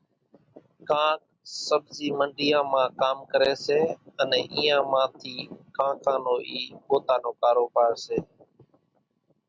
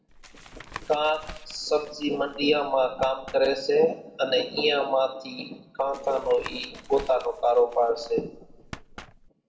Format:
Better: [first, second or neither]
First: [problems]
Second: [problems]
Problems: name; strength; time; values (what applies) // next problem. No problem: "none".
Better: first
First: none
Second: background sound (Tap); 18 dB below the speech // room echo; dies away in 0.6 s